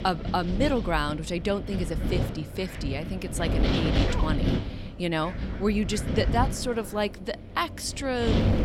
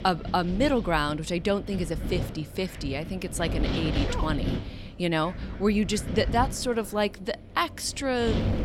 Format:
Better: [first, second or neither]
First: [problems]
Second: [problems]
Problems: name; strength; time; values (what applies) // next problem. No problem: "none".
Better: second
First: wind noise on the microphone; heavy; 6 dB below the speech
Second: wind noise on the microphone; occasional gusts; 10 dB below the speech